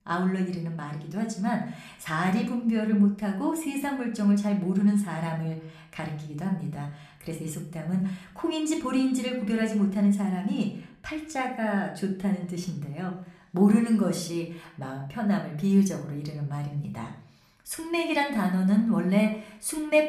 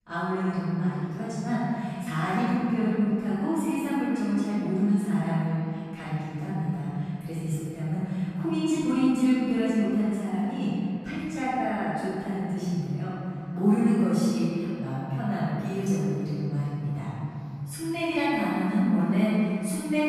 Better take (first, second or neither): first